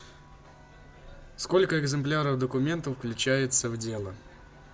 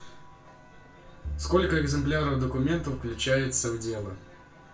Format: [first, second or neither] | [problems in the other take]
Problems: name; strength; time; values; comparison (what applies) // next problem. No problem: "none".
first | background sound (Bowed string instrument); 8 dB below the speech // room echo; dies away in 0.3 s